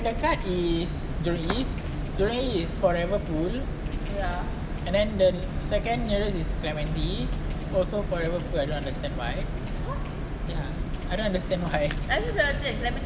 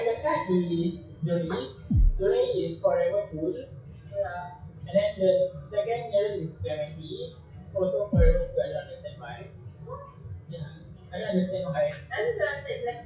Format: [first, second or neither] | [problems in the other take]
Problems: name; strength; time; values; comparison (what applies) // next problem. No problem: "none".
first | noise reduction (classical method WPE with log-MMSE)